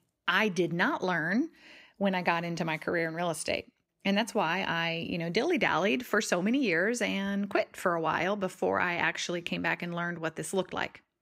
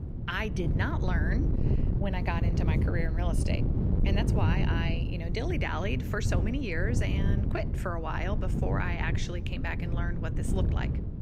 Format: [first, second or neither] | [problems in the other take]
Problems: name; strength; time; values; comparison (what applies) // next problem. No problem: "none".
first | wind noise on the microphone; heavy; 5 dB below the speech